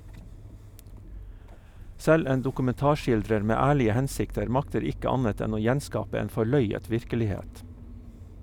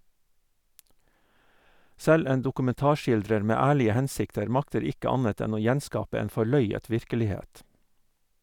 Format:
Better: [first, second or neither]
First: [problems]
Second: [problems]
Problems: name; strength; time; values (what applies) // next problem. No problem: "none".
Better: second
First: background sound (Engine starting / Motor vehicle (road)); 14 dB below the speech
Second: none